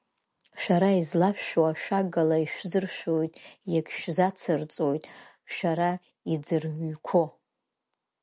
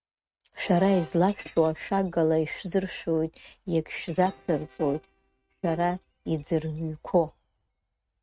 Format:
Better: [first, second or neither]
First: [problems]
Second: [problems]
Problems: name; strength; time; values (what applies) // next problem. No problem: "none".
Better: first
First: none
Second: noise reduction (neural mask model RNNoise)